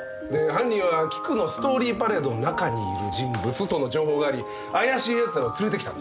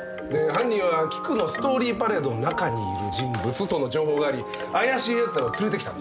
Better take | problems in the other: first | background sound (Bowed string instrument + Wind chime / Wood); 16 dB below the speech

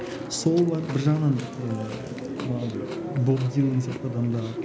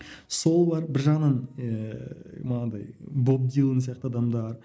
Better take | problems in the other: second | background sound (Chewing, mastication); 9 dB below the speech

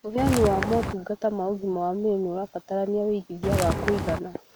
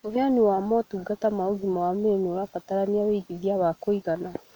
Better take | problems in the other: second | background sound (Walk, footsteps); as loud as the speech

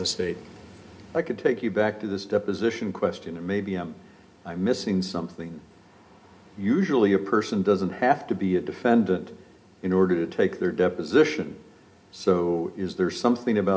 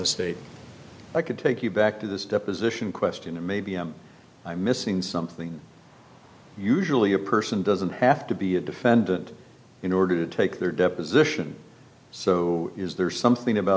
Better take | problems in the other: second | room echo; dies away in 0.3 s

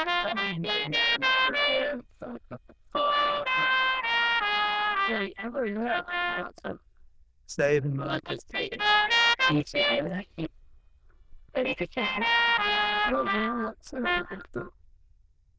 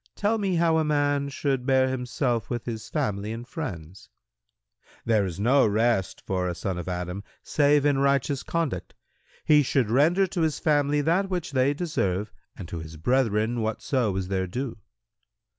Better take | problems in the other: second | noise reduction (neural diffusion model UNIVERSE++)

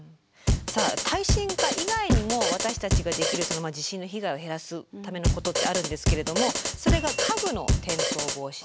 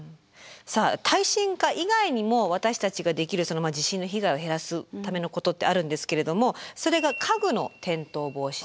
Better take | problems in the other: second | background sound (Drum kit); 4 dB above the speech

